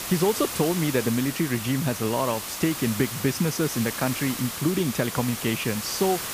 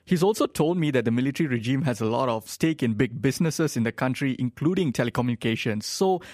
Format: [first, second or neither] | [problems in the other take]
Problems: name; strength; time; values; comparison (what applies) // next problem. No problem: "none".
second | hiss; loud; throughout; 5 dB below the speech